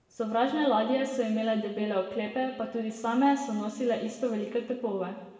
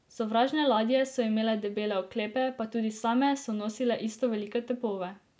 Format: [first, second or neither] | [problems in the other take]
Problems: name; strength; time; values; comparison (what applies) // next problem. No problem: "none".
second | room echo; dies away in 1.3 s